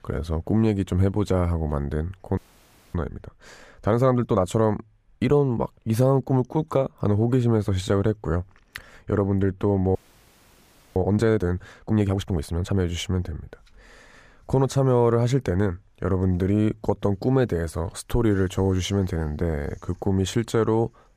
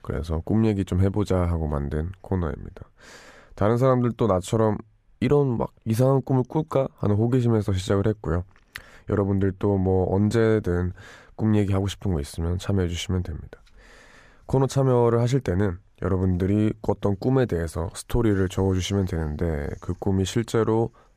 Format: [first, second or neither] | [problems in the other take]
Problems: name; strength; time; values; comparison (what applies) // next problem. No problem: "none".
second | audio freezing; at 2.5 s for 0.5 s and at 10 s for 1 s